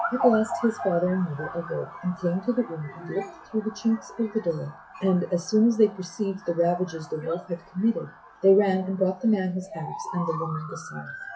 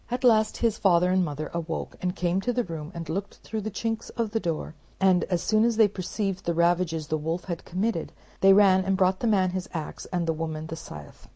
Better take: second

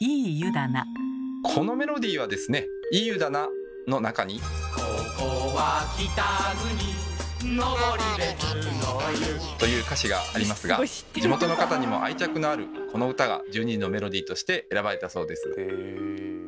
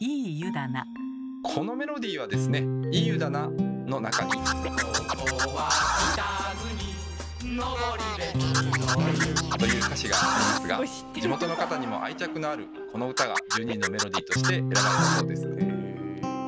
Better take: first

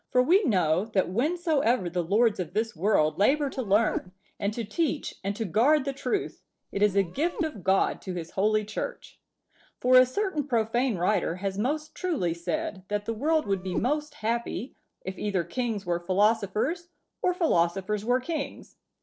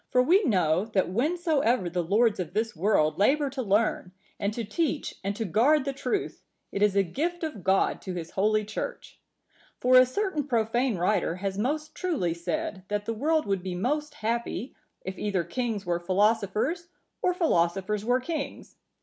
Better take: second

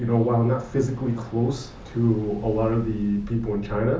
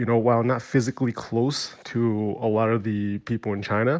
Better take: second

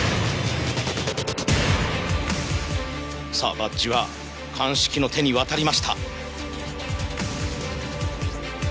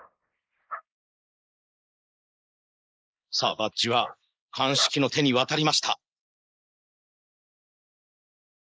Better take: first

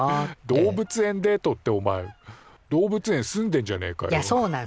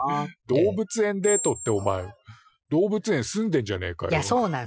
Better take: first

